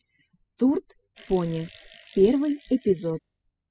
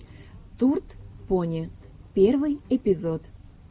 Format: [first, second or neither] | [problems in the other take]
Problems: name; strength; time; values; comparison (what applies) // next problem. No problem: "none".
second | noise reduction (classical method spectral subtraction)